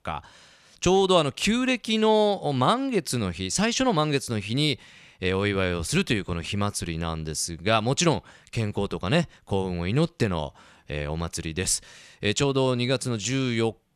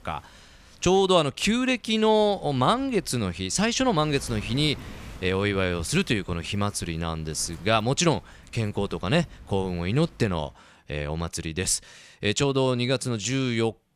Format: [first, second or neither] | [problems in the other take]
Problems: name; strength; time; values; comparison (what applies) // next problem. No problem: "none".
first | wind noise on the microphone; occasional gusts; until 11 s; 25 dB below the speech